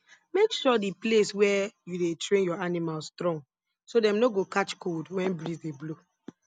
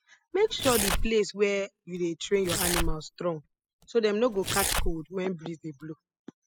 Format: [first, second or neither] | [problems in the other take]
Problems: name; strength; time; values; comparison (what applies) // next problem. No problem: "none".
first | noise reduction (classical method spectral subtraction)